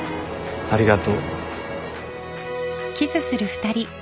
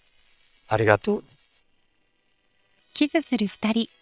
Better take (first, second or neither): first